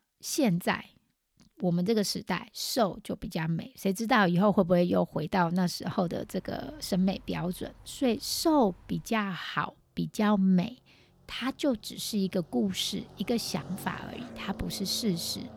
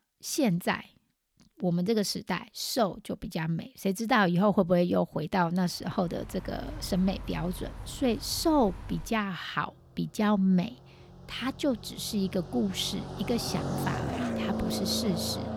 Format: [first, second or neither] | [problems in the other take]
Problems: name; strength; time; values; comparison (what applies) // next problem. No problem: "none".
first | traffic noise; loud; from 6 s on; 8 dB below the speech; faint in the first